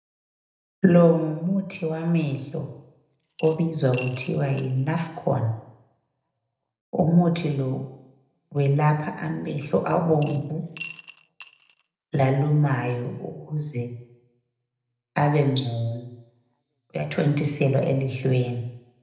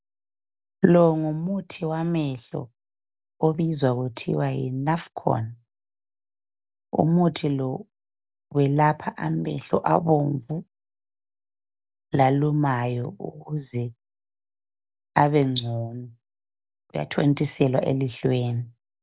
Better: second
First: background sound (Coin (dropping) / Glass); 20 dB below the speech // room echo; dies away in 0.8 s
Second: none

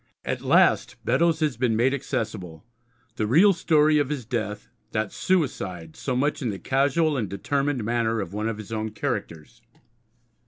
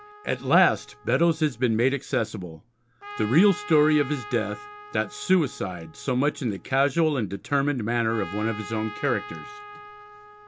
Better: first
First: none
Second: background sound (Trumpet); 17 dB below the speech

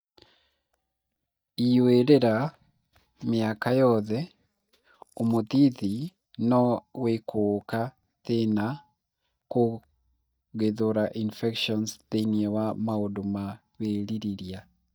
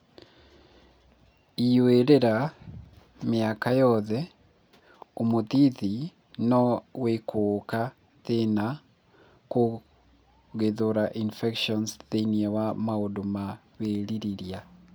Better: second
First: noise reduction (neural mask model DeepFilterNet 3)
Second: none

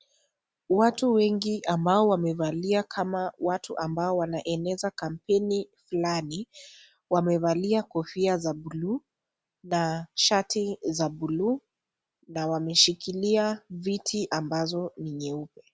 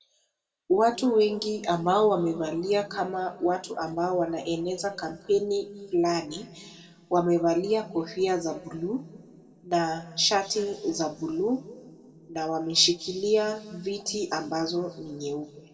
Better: first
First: none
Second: room echo; dies away in 1.5 s

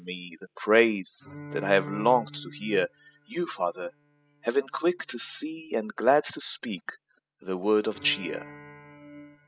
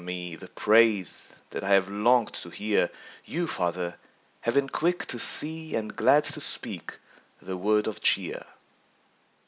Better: second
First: noise reduction (classical method spectral subtraction)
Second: none

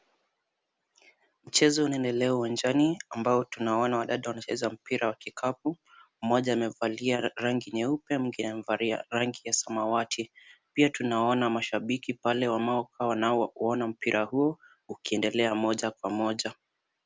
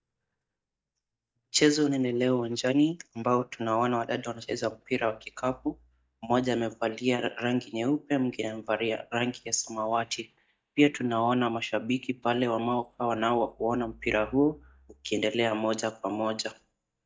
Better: first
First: none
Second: noise reduction (neural mask model DeepFilterNet 3)

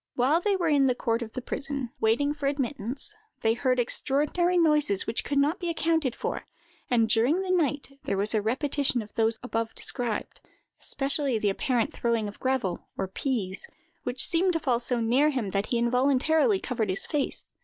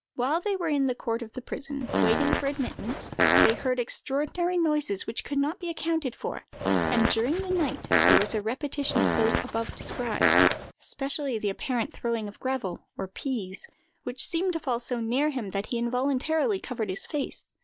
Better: first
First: none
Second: background sound (Fart); 3 dB above the speech

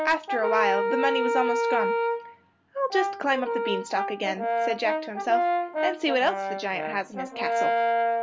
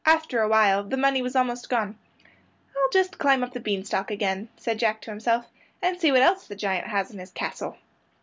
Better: second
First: background sound (Brass instrument); 2 dB above the speech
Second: none

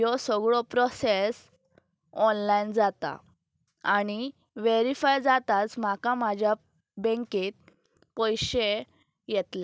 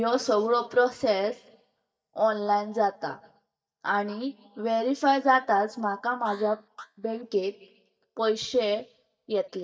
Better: first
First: none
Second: noise reduction (neural mask model DeepFilterNet 3)

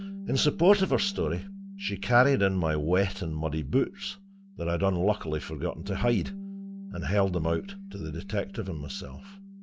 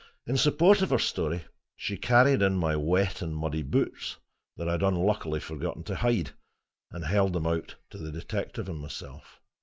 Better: second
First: background sound (Bass guitar); 13 dB below the speech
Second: none

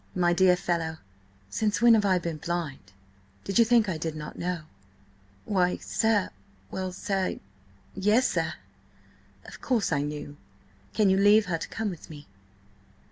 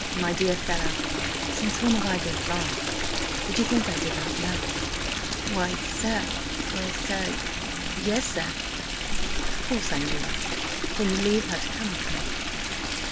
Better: first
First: none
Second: background sound (Stream); 3 dB above the speech

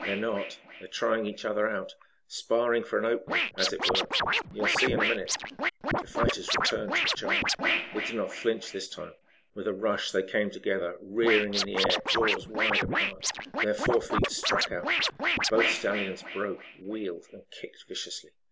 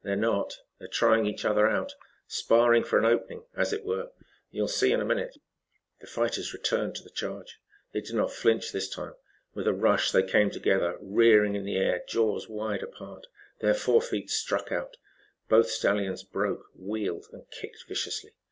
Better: second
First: background sound (Scratching (performance technique)); as loud as the speech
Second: none

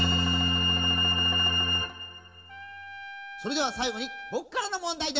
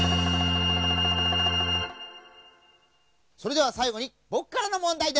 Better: second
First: background sound (Trumpet); 16 dB below the speech // room echo; dies away in 0.6 s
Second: none

